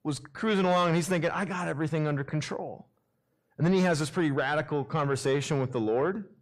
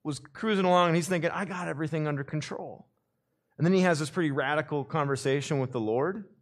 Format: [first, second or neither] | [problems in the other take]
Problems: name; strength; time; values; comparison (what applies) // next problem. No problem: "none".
second | distortion; slight; 10 dB below the speech